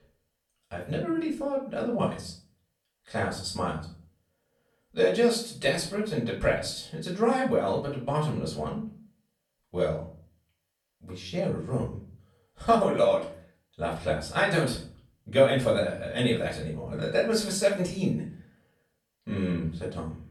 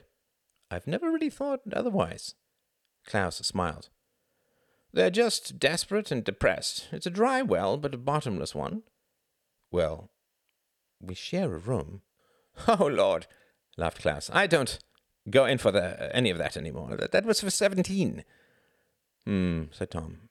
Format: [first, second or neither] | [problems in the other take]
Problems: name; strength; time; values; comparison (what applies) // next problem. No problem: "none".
second | off-mic speech; far // room echo; slight; dies away in 0.4 s